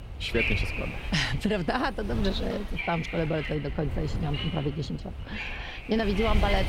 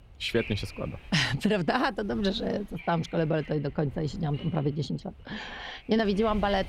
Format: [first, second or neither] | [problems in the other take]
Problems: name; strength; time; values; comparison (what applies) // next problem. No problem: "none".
second | wind noise on the microphone; heavy; 3 dB below the speech; occasional gusts in the second